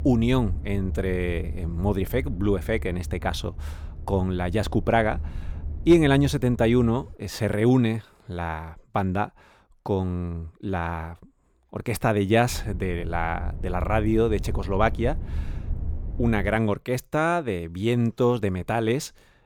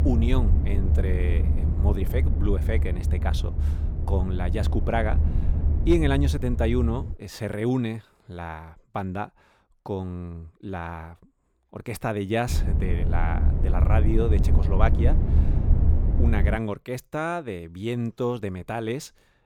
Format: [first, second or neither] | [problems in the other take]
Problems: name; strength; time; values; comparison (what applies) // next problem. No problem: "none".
first | low rumble; loud; until 7 s and from 12 to 17 s; 8 dB below the speech; faint in the first